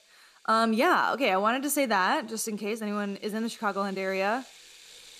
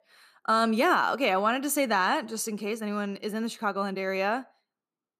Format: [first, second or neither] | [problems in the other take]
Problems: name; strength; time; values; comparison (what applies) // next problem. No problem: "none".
second | household noises; faint; throughout; 25 dB below the speech